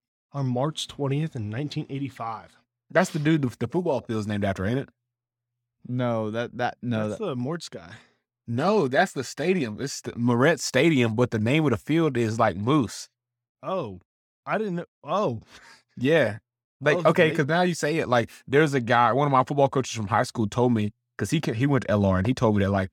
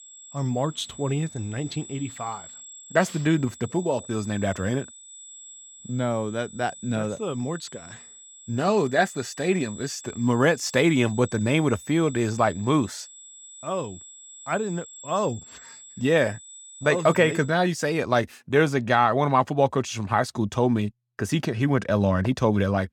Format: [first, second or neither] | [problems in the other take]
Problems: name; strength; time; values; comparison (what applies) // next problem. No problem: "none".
first | high-pitched whine; noticeable; until 17 s; 8 kHz, 15 dB below the speech